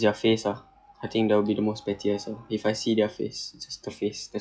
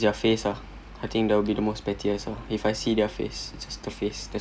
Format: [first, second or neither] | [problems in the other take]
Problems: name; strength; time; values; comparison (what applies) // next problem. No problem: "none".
second | noise reduction (classical method log-MMSE)